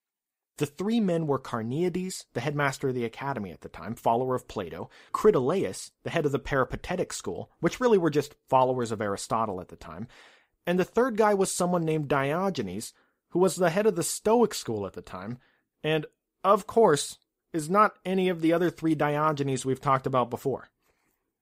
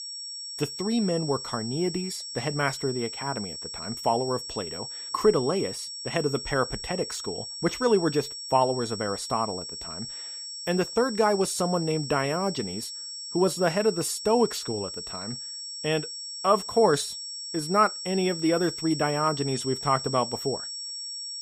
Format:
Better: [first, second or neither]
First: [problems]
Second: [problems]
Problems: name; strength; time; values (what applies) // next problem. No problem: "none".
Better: first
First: none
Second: high-pitched whine; loud; throughout; 5.5 kHz, 7 dB below the speech